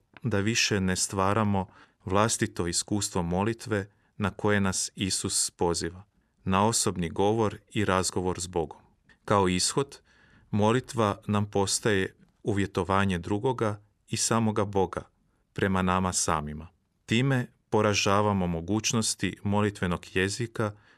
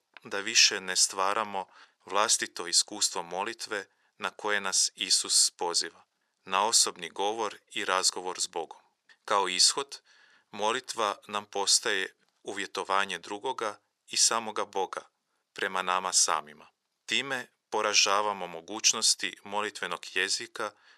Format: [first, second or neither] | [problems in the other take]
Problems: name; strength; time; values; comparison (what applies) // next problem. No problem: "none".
first | thin; very; fading below 600 Hz